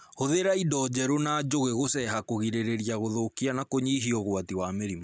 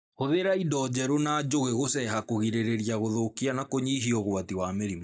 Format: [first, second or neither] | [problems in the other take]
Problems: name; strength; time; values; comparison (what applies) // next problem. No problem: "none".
first | noise reduction (neural mask model DeepFilterNet 3)